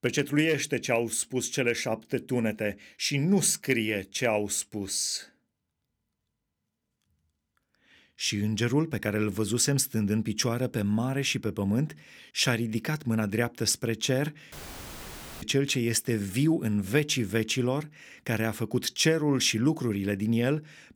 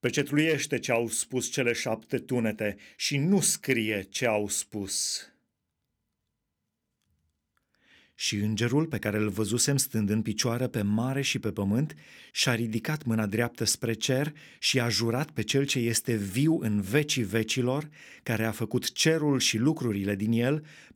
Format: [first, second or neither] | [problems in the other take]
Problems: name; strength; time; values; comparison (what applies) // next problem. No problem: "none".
second | audio cutting out; filled with static; at 15 s for 1 s